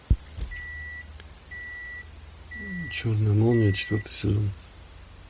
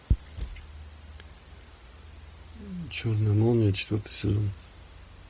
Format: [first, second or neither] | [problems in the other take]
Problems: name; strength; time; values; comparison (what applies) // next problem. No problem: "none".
second | background sound (Microwave oven); 14 dB below the speech